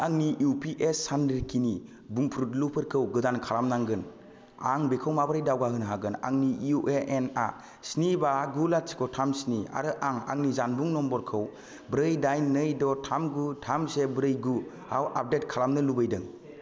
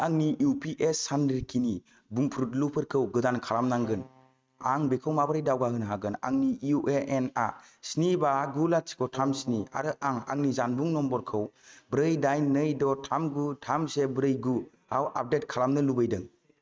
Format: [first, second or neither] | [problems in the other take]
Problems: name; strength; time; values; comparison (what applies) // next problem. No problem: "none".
first | noise reduction (neural mask model RNNoise)